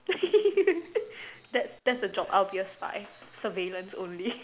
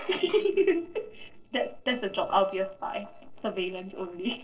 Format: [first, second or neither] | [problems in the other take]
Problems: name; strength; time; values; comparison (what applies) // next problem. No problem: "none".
first | noise reduction (neural separator model SepFormer DNS4)